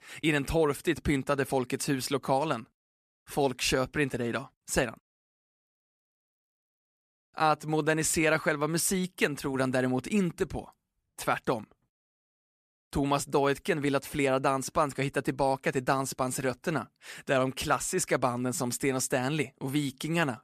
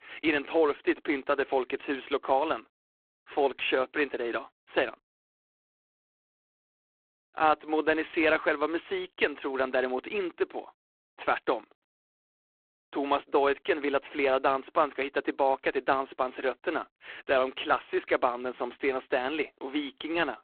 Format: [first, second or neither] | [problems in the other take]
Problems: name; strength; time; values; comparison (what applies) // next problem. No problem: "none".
first | phone-call audio; poor line; nothing above 4 kHz